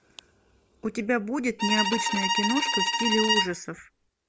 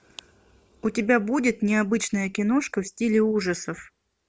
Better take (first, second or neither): second